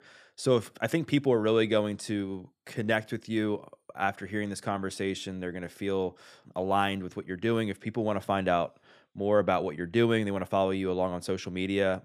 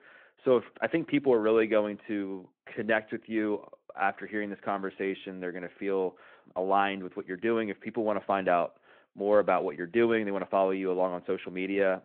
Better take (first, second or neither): first